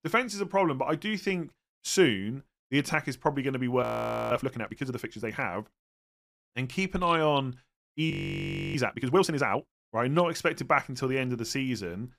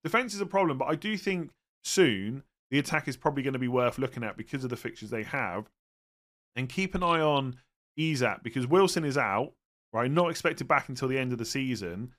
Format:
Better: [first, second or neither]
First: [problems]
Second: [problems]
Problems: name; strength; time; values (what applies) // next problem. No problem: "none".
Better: second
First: audio freezing; at 4 s and at 8 s for 0.5 s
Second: none